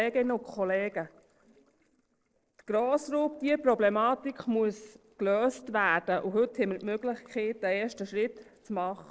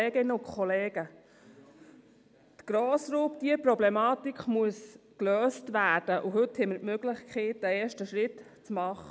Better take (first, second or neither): second